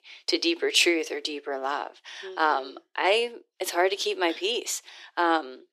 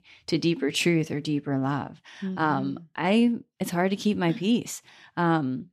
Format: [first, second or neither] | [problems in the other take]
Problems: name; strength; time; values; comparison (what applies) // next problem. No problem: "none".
second | thin; very; fading below 350 Hz